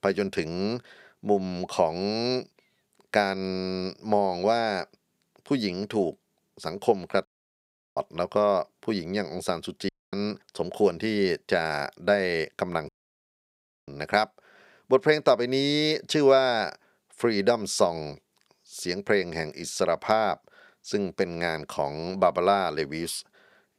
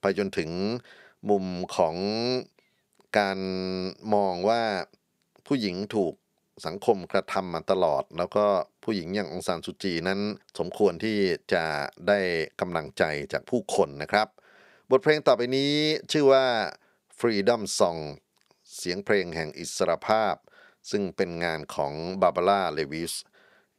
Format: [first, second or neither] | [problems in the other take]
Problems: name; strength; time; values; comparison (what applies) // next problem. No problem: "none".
second | audio cutting out; at 7.5 s for 0.5 s, at 10 s and at 13 s for 1 s